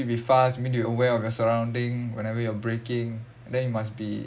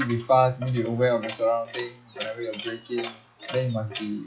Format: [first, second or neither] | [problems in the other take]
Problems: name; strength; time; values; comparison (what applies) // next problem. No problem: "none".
first | noise reduction (classical method log-MMSE)